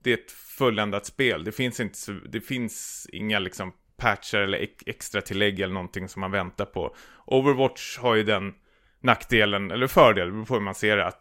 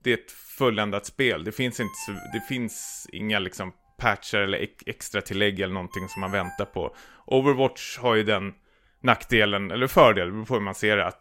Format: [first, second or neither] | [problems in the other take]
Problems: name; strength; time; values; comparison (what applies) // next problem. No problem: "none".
first | phone ringing; faint; from 2 to 7 s; peak 15 dB below the speech